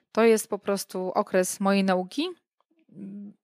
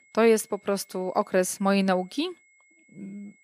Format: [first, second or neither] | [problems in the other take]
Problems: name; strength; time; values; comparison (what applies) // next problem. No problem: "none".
first | high-pitched whine; faint; throughout; 2 kHz, 30 dB below the speech